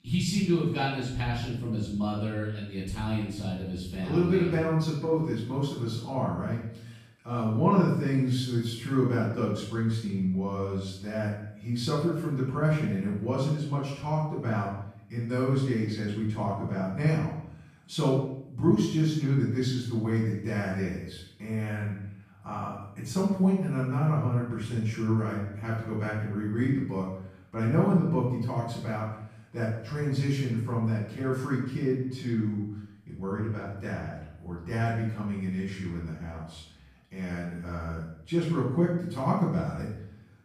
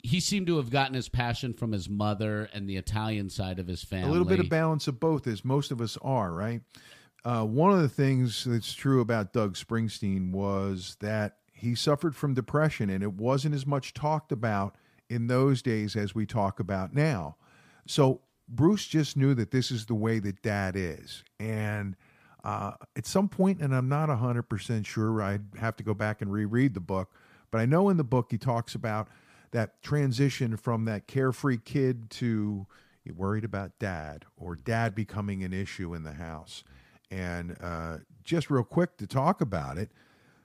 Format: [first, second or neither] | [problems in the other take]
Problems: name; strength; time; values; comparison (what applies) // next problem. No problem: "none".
second | off-mic speech; far // room echo; noticeable; dies away in 0.7 s